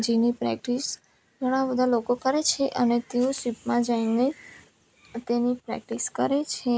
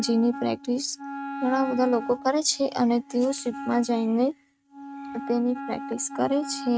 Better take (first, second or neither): first